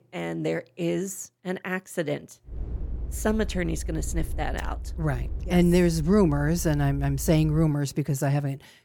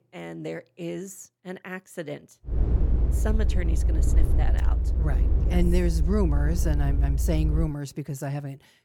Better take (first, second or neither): first